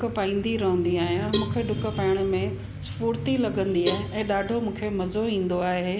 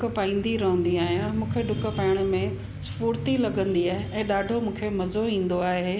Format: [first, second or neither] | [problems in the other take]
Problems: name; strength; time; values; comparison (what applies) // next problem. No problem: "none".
second | background sound (Cowbell); 12 dB below the speech